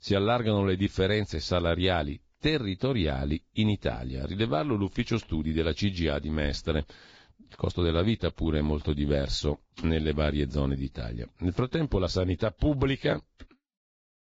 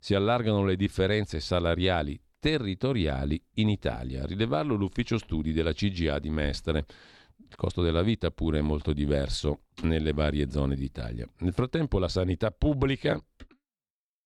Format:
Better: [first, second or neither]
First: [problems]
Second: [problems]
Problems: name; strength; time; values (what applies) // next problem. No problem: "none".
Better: second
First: garbled, watery; badly; nothing above 7.5 kHz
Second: none